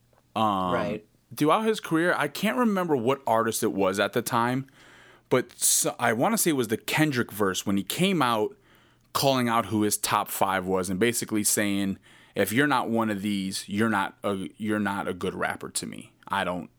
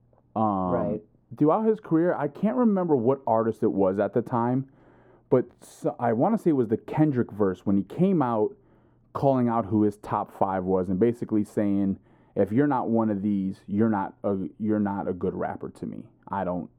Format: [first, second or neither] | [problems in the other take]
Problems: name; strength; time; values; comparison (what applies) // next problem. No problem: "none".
first | muffled; very; fading above 1.5 kHz